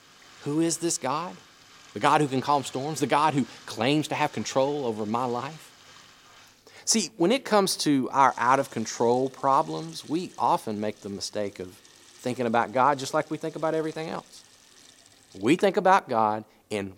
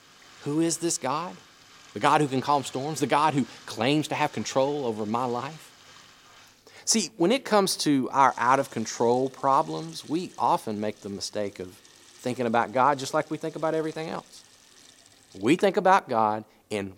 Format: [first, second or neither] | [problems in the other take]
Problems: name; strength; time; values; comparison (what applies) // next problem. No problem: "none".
neither | household noises; faint; throughout; 25 dB below the speech; the same in both